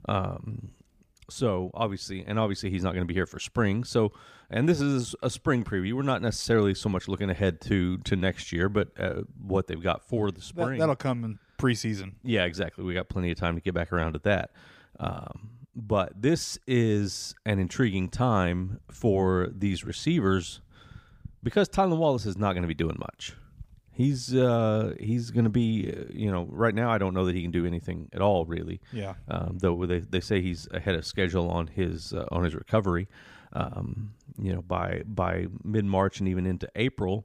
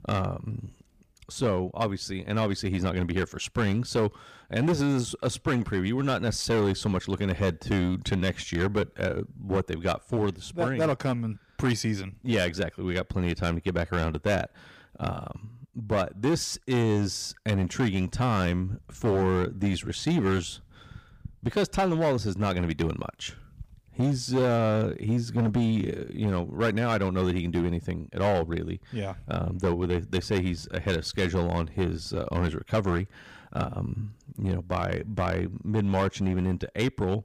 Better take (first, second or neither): first